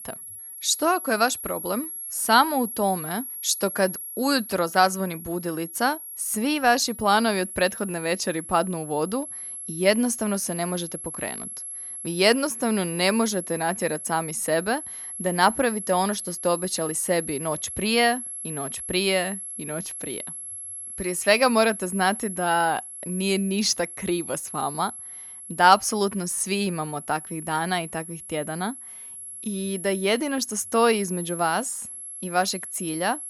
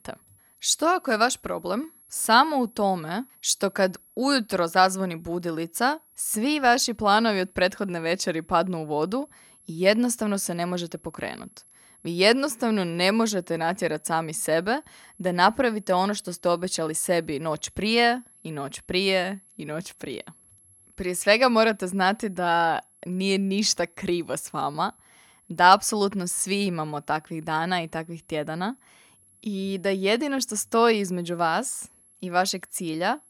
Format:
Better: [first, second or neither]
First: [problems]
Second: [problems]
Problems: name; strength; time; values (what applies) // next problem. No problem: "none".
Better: second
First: high-pitched whine; loud; throughout; 11 kHz, 9 dB below the speech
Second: high-pitched whine; faint; throughout; 11 kHz, 30 dB below the speech